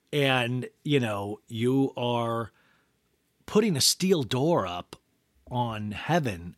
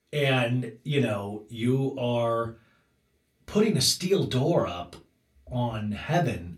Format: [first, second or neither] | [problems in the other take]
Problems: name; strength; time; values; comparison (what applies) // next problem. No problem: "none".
first | off-mic speech; somewhat distant // room echo; very slight; dies away in 0.2 s